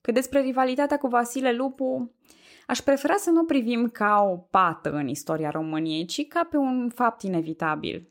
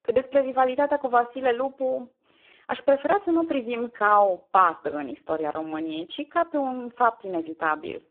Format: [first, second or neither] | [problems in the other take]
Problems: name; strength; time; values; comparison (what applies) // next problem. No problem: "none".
first | phone-call audio; poor line